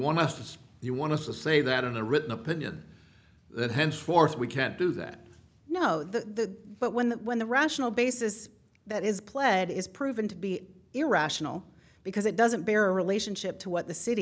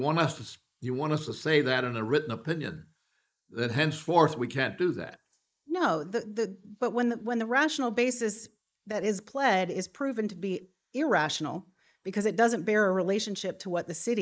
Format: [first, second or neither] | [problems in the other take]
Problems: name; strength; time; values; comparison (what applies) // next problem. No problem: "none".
first | noise reduction (neural mask model Resemble Enhance denoiser)